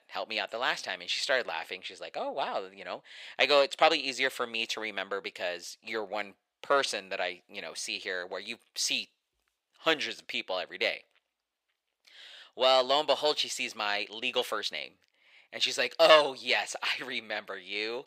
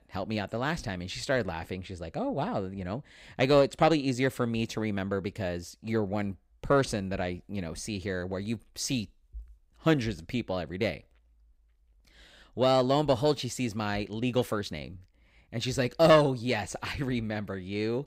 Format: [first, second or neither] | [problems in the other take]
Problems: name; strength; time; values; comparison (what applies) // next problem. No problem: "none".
second | thin; very; fading below 650 Hz